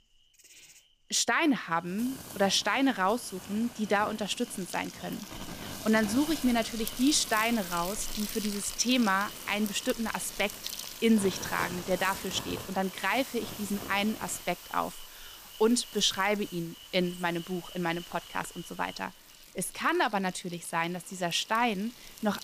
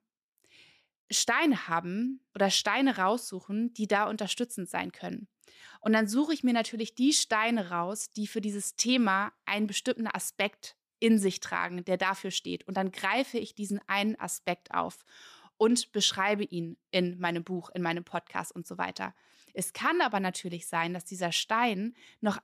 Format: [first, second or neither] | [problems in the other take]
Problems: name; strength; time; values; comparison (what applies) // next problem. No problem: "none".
second | animal sounds; noticeable; throughout; 10 dB below the speech